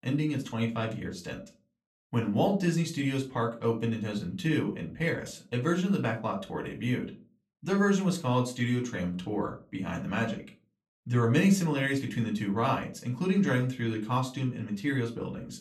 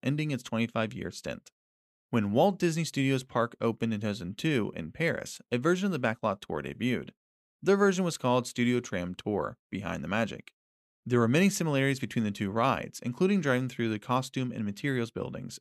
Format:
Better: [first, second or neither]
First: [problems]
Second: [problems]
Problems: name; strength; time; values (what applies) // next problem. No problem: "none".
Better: second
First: off-mic speech; far // room echo; very slight; dies away in 0.3 s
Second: none